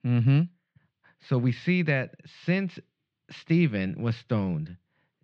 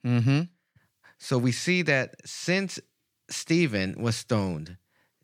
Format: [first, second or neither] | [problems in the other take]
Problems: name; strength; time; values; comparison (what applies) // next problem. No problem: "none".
second | muffled; slightly; fading above 3.5 kHz